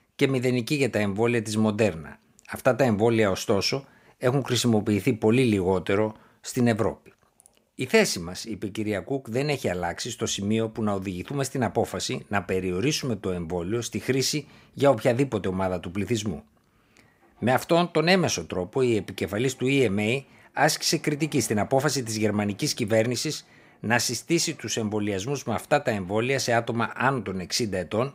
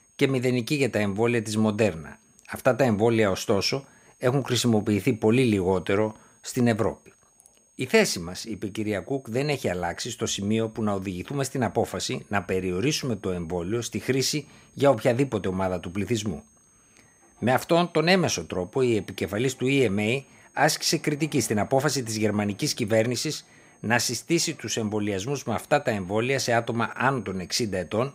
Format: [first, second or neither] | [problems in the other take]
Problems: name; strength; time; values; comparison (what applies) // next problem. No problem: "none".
first | high-pitched whine; faint; throughout; 6.5 kHz, 35 dB below the speech